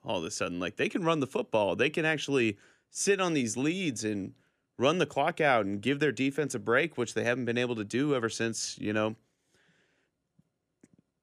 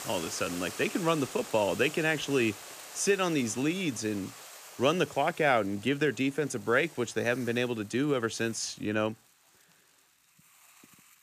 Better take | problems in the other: first | hiss; noticeable; throughout; 15 dB below the speech

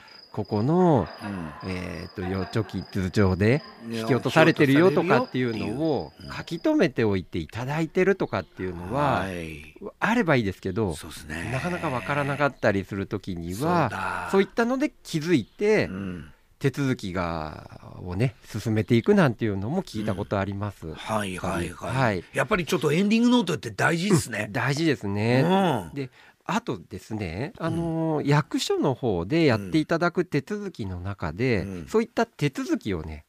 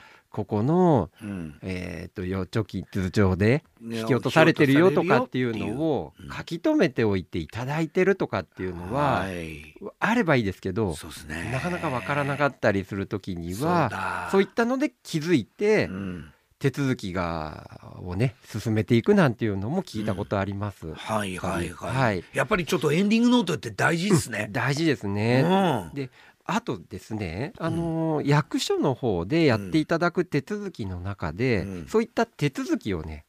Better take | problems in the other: second | animal sounds; noticeable; until 22 s; 20 dB below the speech

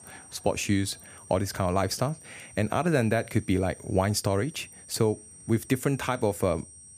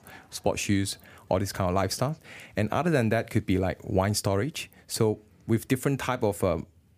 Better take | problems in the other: second | high-pitched whine; noticeable; throughout; 8.5 kHz, 20 dB below the speech

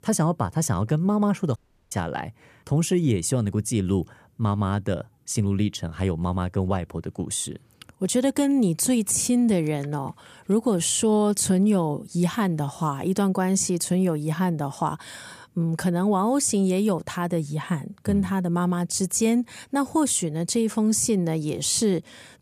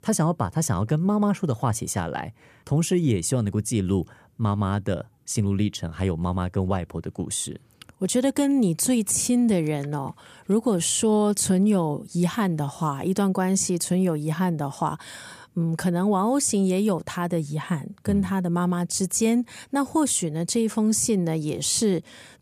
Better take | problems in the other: second | audio cutting out; at 1.5 s

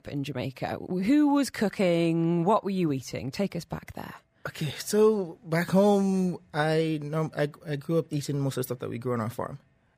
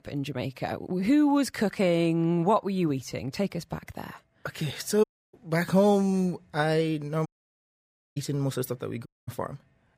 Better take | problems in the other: first | audio cutting out; at 5 s, at 7.5 s for 1 s and at 9 s

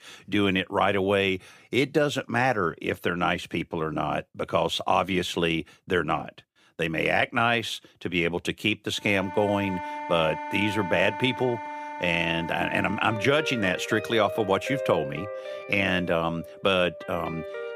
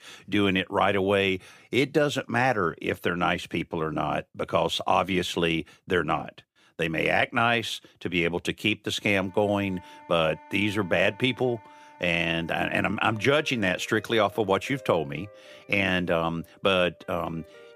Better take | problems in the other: second | background music; loud; from 9 s on; 10 dB below the speech; faint in the second

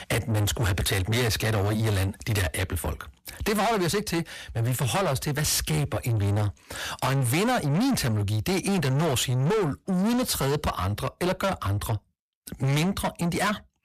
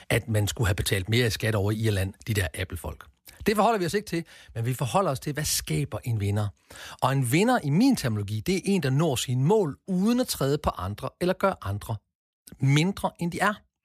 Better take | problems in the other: second | distortion; heavy; 6 dB below the speech

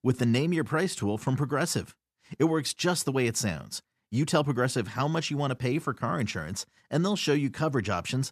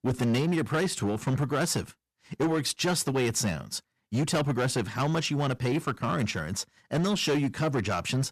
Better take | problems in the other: first | distortion; slight; 12% of the sound clipped

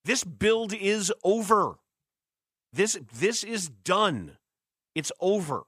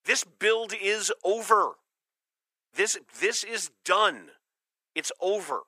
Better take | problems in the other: first | thin; very; fading below 400 Hz

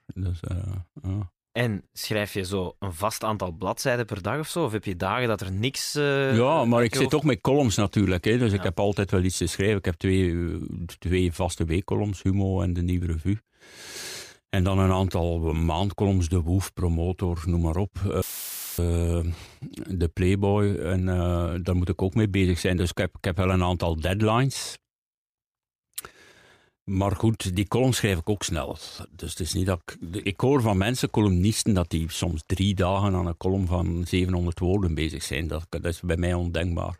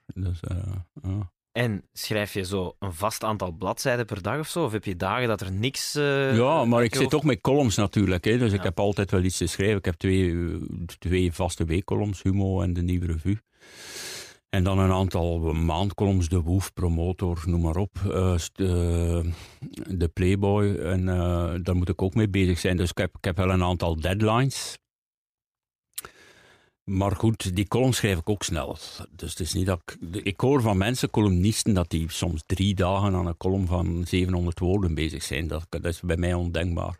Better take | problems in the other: second | audio cutting out; filled with static; at 18 s for 0.5 s

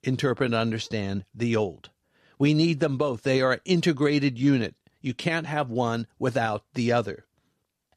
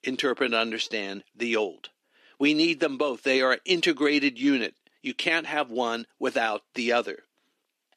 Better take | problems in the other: first | thin; very slightly; fading below 300 Hz

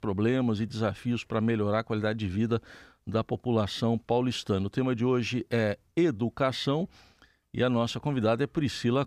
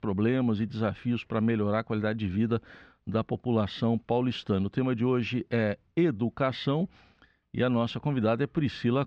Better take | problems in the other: first | muffled; very slightly; fading above 3 kHz

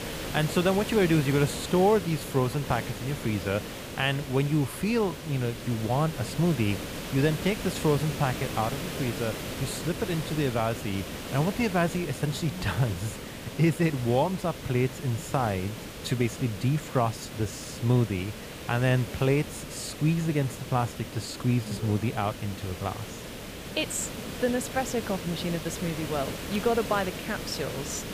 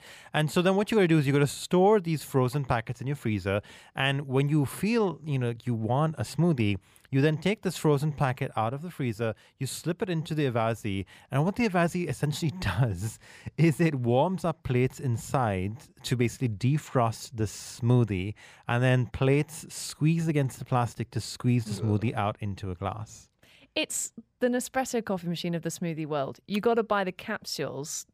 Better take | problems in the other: second | hiss; loud; throughout; 8 dB below the speech

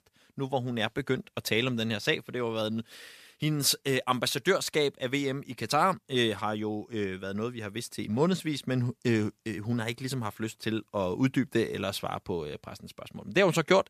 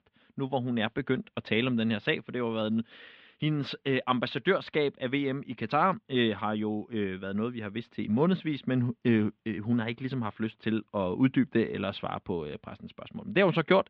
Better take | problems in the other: first | muffled; very; fading above 3.5 kHz

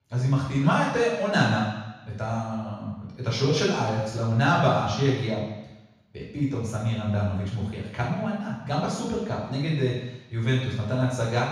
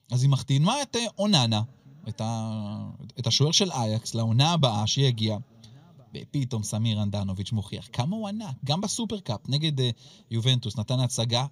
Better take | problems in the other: second | room echo; strong; dies away in 1.1 s; slight in the second // off-mic speech; far

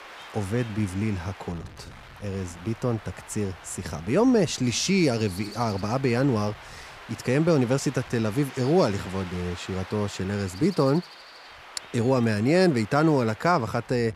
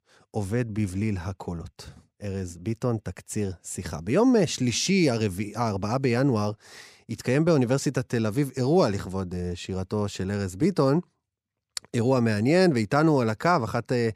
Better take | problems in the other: second | wind noise on the microphone; occasional gusts; 15 dB below the speech

